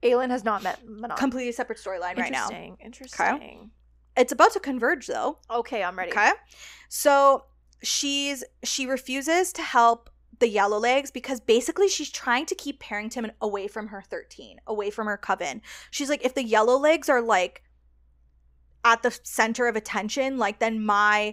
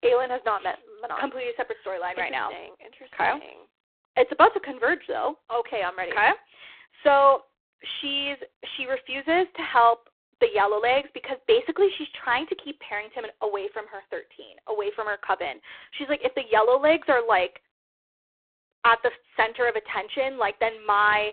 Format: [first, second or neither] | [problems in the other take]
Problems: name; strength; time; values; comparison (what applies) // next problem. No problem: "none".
first | phone-call audio; poor line